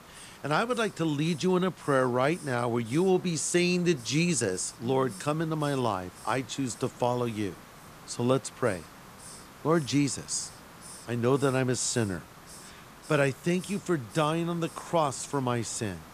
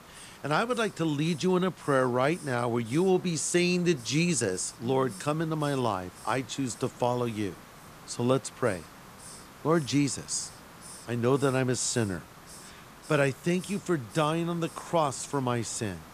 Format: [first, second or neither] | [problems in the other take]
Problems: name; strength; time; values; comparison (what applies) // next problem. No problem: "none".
neither | hiss; noticeable; throughout; 20 dB below the speech; the same in both